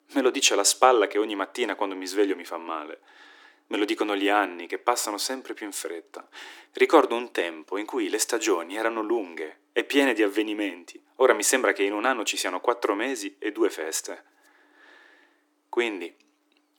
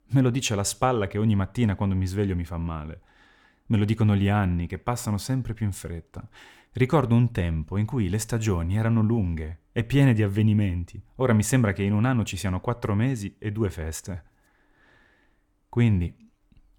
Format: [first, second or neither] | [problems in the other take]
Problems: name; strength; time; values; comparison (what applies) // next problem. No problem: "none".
second | thin; very; fading below 300 Hz